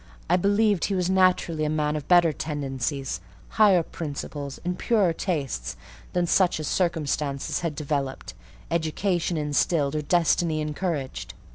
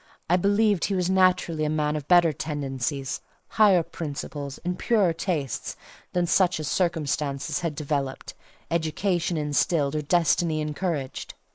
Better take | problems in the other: first | noise reduction (neural mask model Resemble Enhance denoiser)

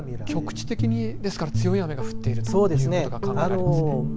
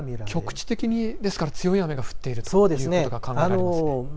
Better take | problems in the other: second | background sound (Guitar); 2 dB below the speech

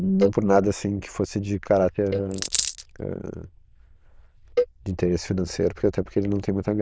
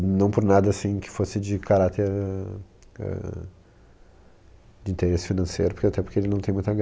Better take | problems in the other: second | noise reduction (neural diffusion model UNIVERSE++)

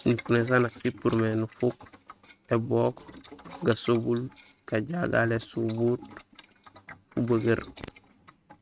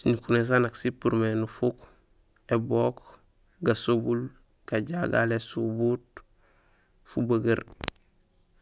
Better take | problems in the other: second | noise reduction (neural mask model RNNoise)

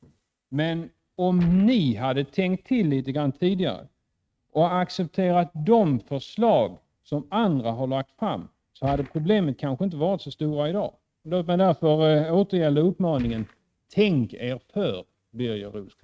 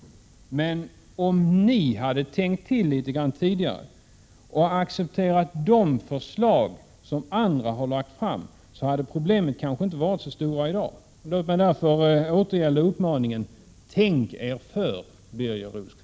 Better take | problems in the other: second | noise reduction (neural mask model RNNoise)

